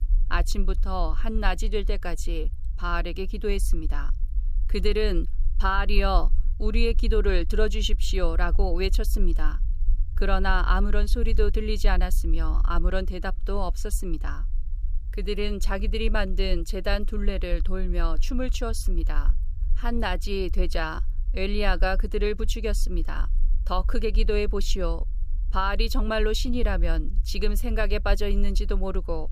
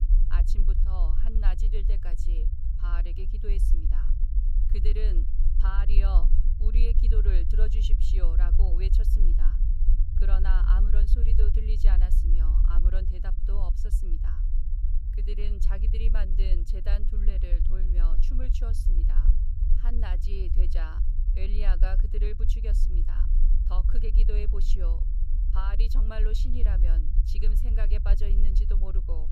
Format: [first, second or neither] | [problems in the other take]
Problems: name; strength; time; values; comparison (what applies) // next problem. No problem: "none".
first | low rumble; loud; throughout; 6 dB below the speech; faint in the first